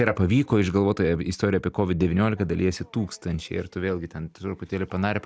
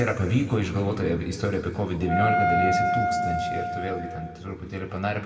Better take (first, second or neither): first